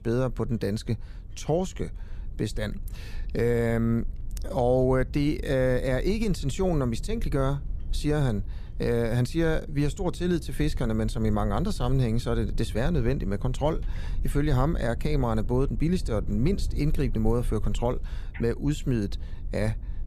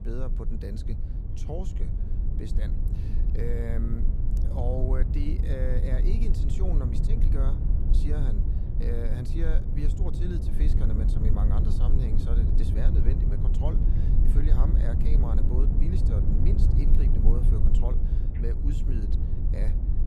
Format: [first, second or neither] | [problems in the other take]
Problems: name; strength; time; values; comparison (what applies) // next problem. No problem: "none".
first | low rumble; loud; throughout; 2 dB below the speech; faint in the first